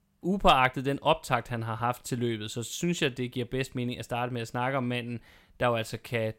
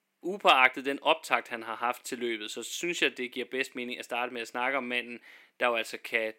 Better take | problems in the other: first | thin; somewhat; fading below 300 Hz

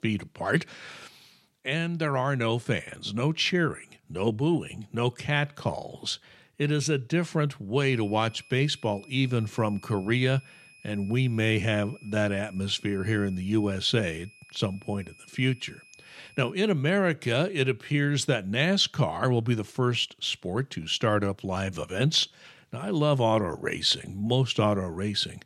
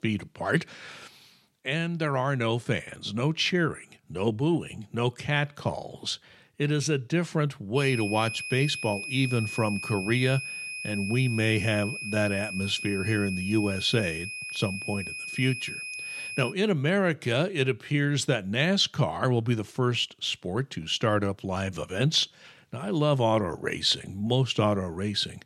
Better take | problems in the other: first | high-pitched whine; loud; from 8 to 17 s; 2.5 kHz, 6 dB below the speech; faint in the first

